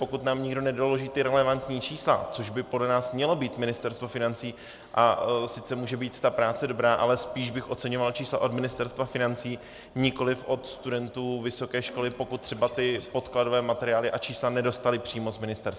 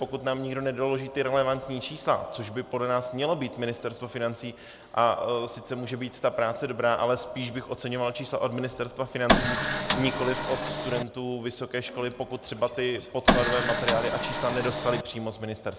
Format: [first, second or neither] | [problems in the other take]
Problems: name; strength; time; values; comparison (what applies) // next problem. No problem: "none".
first | background sound (Printer); 2 dB above the speech